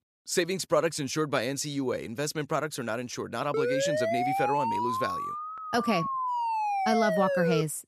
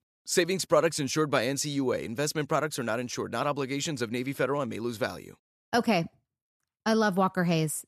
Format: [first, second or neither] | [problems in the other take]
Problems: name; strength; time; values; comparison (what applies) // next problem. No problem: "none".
second | siren; loud; from 3.5 s on; peak 2 dB above the speech